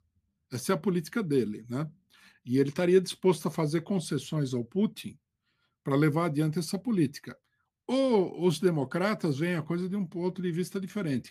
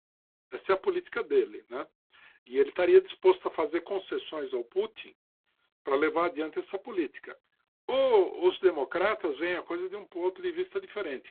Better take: first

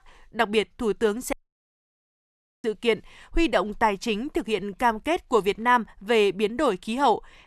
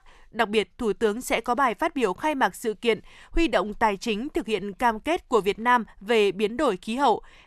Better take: second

